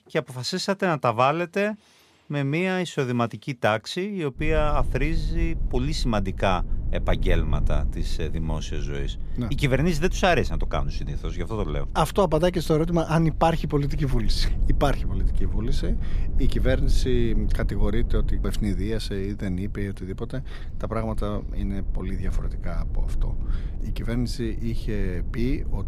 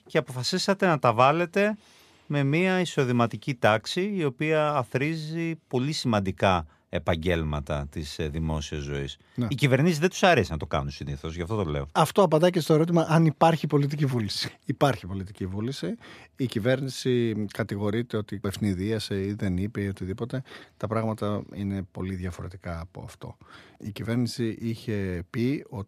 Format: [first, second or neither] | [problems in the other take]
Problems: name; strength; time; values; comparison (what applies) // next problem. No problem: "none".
second | low rumble; faint; from 4.5 s on; 20 dB below the speech